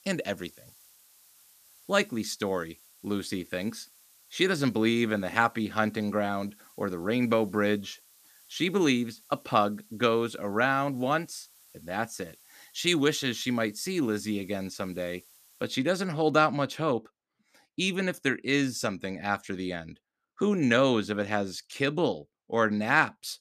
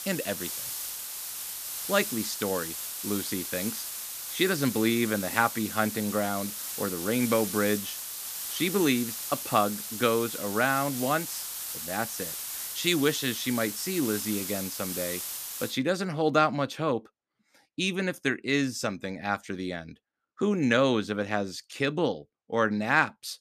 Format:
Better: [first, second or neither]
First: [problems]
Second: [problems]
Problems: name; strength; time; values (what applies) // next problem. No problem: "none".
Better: first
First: hiss; faint; until 16 s; 25 dB below the speech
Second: hiss; loud; until 16 s; 5 dB below the speech